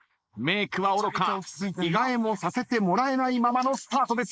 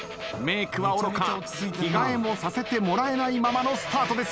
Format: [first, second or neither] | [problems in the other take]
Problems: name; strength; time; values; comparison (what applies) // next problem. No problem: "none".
second | noise reduction (neural mask model Resemble Enhance denoiser)